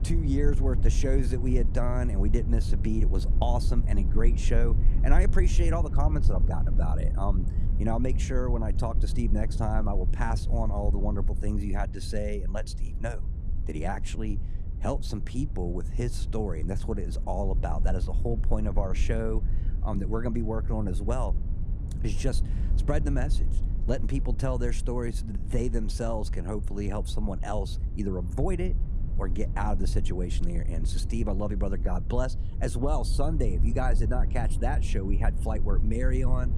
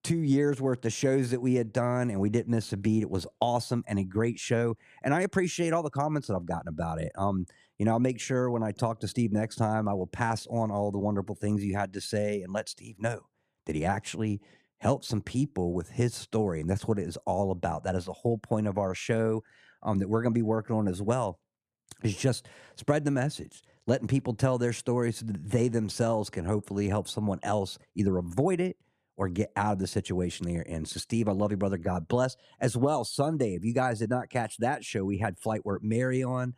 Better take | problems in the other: second | low rumble; noticeable; throughout; 10 dB below the speech

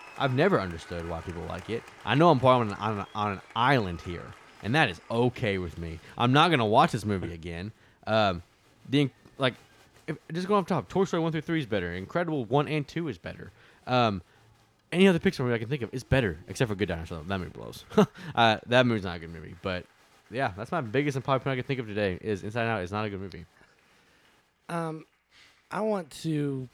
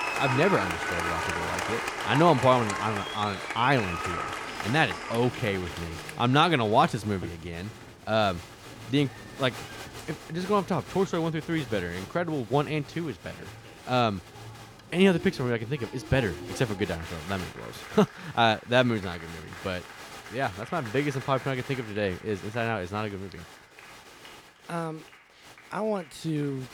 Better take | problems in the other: first | crowd noise; loud; throughout; 9 dB below the speech; faint in the first

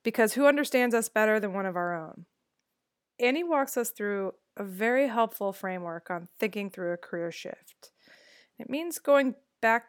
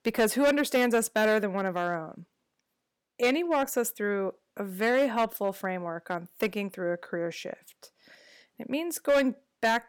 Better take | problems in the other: first | distortion; slight; 3% of the sound clipped

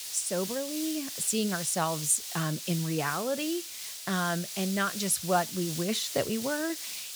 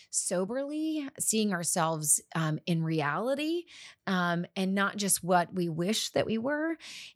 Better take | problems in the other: second | hiss; loud; throughout; 6 dB below the speech

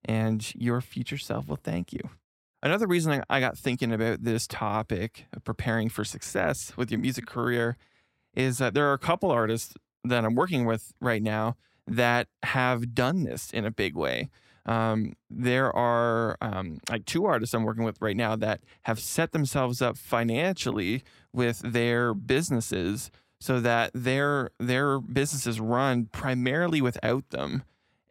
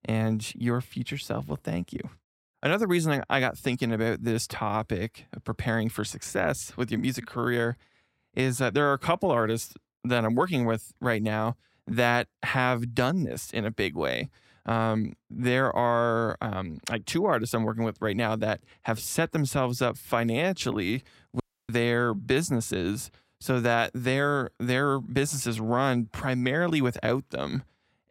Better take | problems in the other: first | audio cutting out; at 21 s

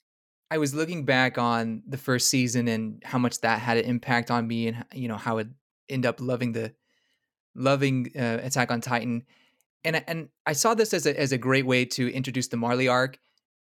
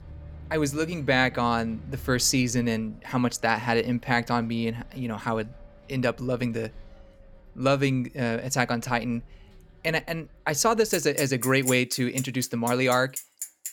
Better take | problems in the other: first | traffic noise; noticeable; throughout; 10 dB below the speech

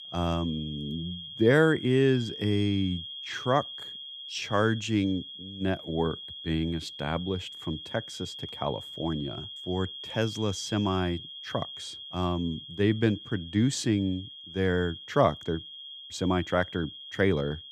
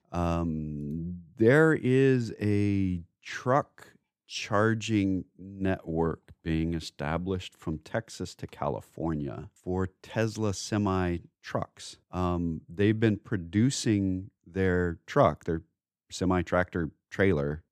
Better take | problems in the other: second | high-pitched whine; noticeable; throughout; 3.5 kHz, 10 dB below the speech

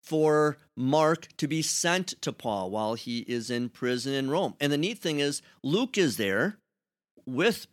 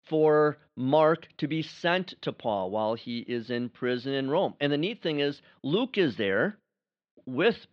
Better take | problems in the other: first | muffled; very; fading above 4 kHz

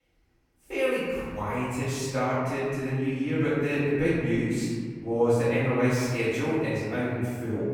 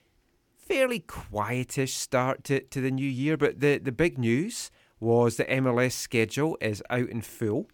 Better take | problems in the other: second | off-mic speech; far // room echo; strong; dies away in 1.8 s

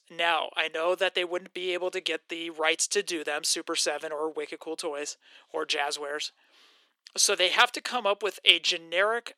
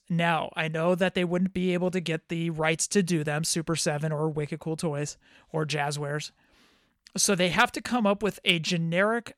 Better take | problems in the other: second | thin; very; fading below 350 Hz

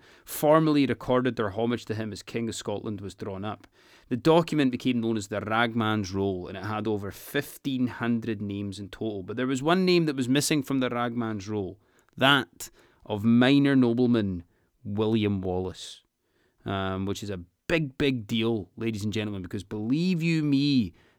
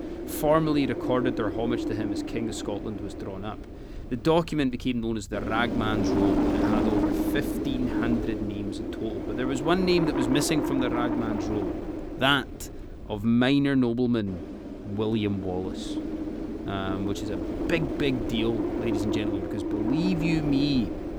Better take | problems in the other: first | wind noise on the microphone; heavy; 3 dB below the speech

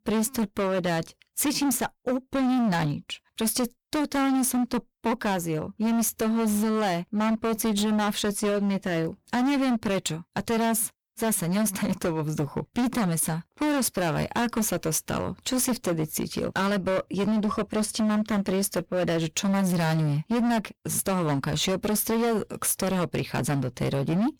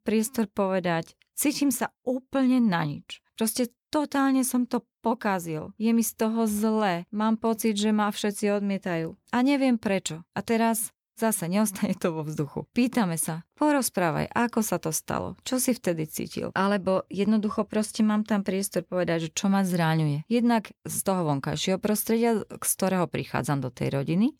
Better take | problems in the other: second | distortion; heavy; 23% of the sound clipped

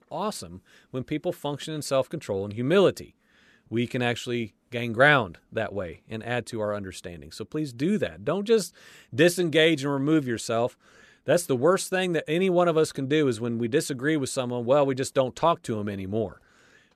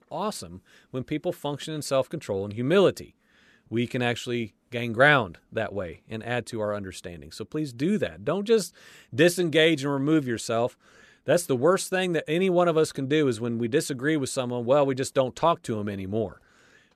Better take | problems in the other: neither | none

